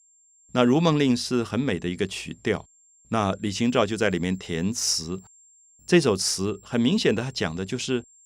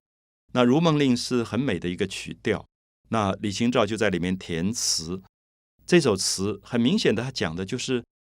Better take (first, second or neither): second